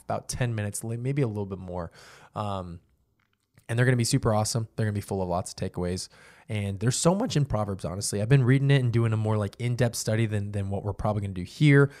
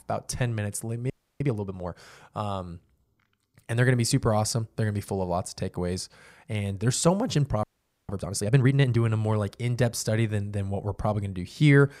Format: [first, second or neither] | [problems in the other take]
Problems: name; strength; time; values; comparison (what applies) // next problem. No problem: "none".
first | audio freezing; at 1 s and at 7.5 s